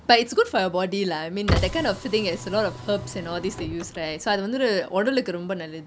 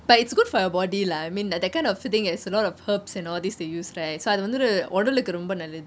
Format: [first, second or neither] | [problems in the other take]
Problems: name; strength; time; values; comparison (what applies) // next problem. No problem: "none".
second | background sound (Car); 6 dB below the speech